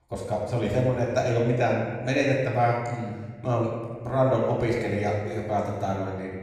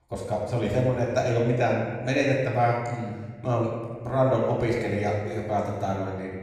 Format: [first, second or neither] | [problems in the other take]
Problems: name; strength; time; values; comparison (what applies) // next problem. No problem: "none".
neither | off-mic speech; far; the same in both // room echo; noticeable; dies away in 1.5 s; the same in both